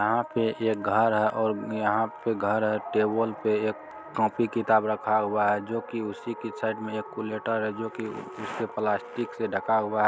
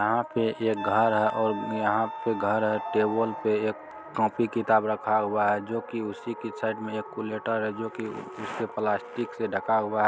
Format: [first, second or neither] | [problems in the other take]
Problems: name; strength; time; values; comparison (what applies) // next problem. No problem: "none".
first | background sound (Wind instrument, woodwind instrument); 10 dB below the speech